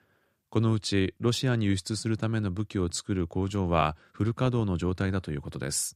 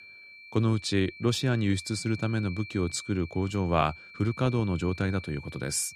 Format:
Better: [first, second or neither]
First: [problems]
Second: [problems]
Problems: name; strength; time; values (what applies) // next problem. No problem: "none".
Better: first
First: none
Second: high-pitched whine; noticeable; throughout; 2.5 kHz, 15 dB below the speech